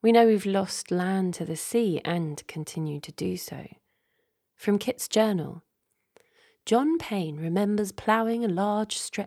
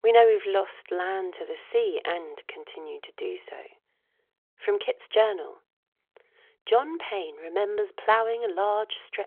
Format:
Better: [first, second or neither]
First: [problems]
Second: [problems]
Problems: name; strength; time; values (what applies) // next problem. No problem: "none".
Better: first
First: none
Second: phone-call audio; nothing above 3.5 kHz